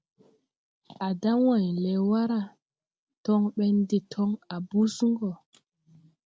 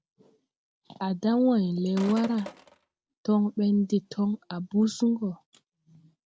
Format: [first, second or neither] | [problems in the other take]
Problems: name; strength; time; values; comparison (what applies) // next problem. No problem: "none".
first | background sound (Sink (filling or washing)); 15 dB below the speech